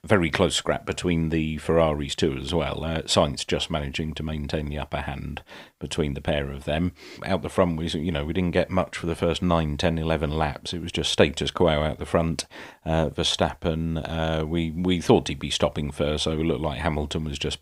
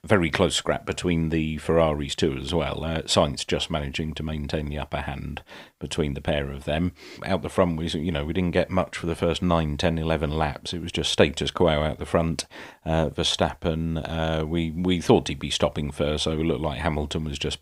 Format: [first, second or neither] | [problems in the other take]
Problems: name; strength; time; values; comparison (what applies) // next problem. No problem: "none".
neither | none